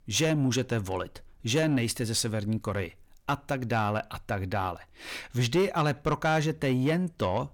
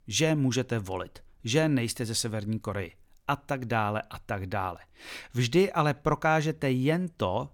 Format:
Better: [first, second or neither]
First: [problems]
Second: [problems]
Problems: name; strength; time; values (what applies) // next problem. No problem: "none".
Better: second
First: distortion; slight; 10 dB below the speech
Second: none